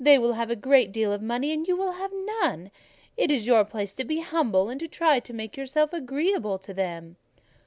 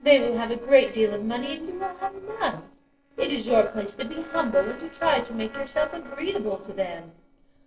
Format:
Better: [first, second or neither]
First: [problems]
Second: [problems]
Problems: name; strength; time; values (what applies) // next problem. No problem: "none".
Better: first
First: none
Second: noise reduction (neural separator model SepFormer DNS4)